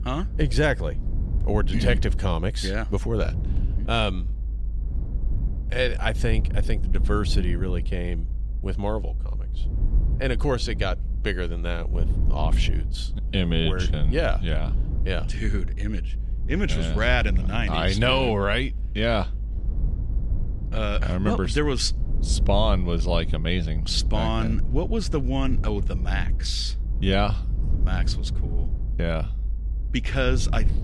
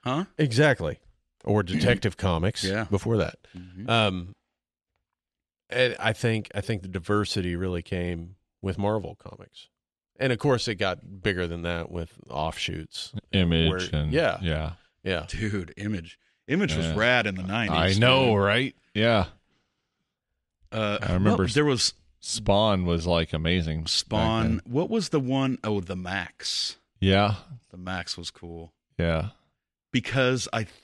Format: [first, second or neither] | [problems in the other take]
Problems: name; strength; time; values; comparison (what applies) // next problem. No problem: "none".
second | low rumble; noticeable; throughout; 15 dB below the speech